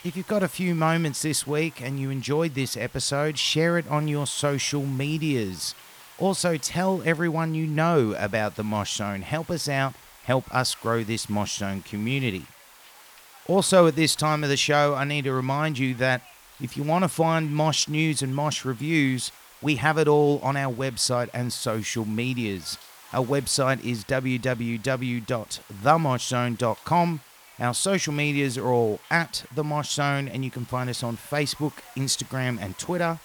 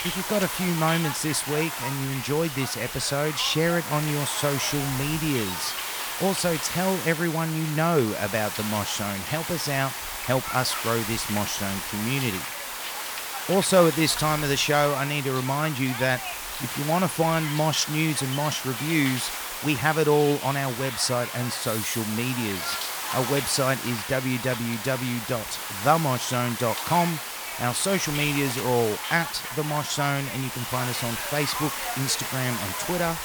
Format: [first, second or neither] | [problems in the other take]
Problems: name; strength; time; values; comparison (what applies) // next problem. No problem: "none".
first | hiss; loud; throughout; 4 dB below the speech; faint in the first